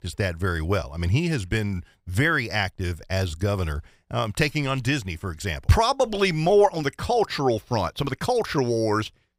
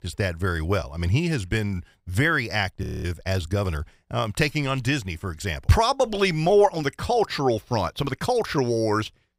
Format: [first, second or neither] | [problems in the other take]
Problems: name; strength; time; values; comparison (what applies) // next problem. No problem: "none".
first | audio freezing; at 3 s